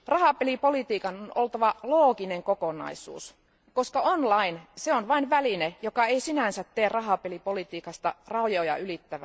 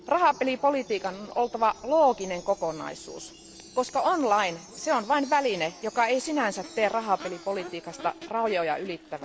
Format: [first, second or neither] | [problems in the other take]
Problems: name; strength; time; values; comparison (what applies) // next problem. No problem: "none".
first | background sound (Crowd / Race car, auto racing / Accelerating, revving, vroom + Wind chime); 18 dB below the speech